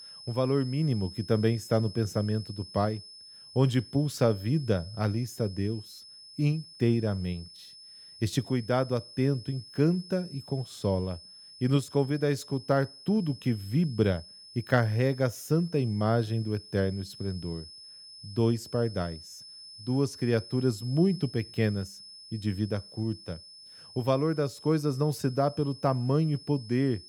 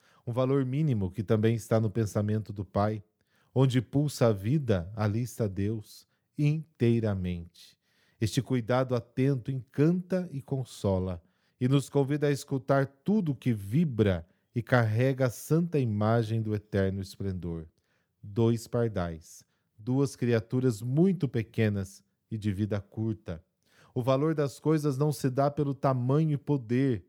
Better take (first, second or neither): second